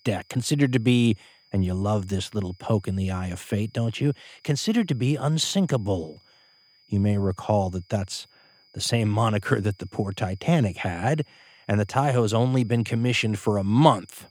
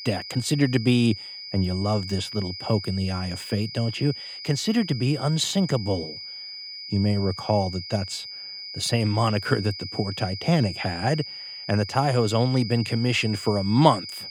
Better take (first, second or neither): first